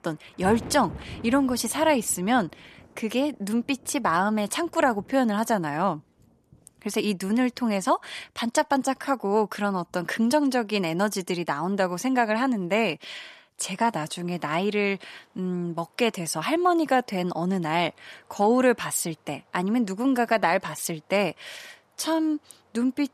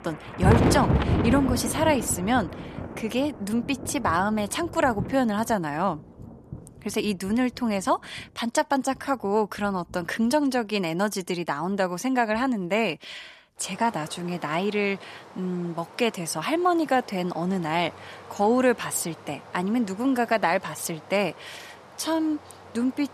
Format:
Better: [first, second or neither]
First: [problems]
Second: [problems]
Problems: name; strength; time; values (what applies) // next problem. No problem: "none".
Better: first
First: rain or running water; faint; throughout; 20 dB below the speech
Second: rain or running water; loud; throughout; 3 dB below the speech